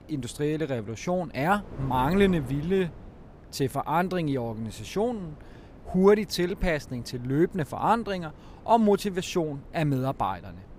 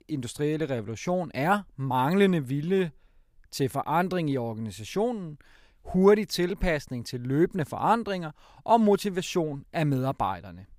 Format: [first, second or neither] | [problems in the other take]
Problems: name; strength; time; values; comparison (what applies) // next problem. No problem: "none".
second | wind noise on the microphone; occasional gusts; 25 dB below the speech